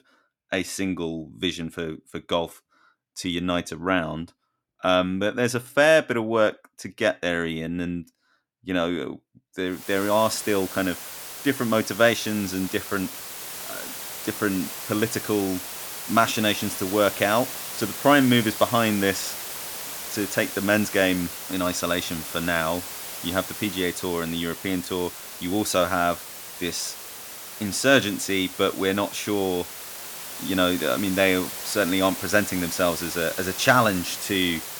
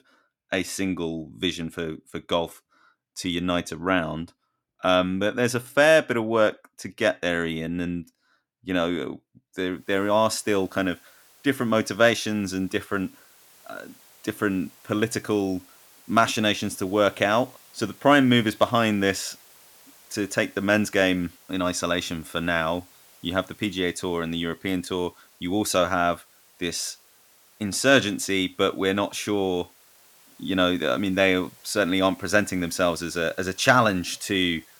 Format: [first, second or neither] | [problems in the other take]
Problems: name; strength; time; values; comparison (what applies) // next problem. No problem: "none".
second | hiss; loud; from 10 s on; 9 dB below the speech; faint in the second